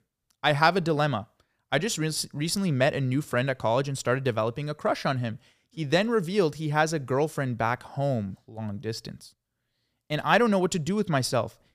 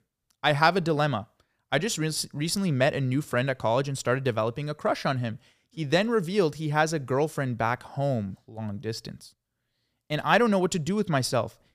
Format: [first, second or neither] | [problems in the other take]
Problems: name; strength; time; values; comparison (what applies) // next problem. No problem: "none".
neither | none